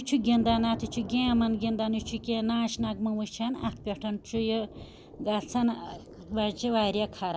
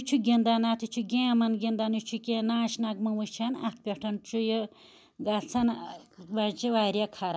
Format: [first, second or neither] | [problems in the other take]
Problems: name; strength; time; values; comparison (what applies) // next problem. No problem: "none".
second | background sound (Thunder / Rain); 14 dB below the speech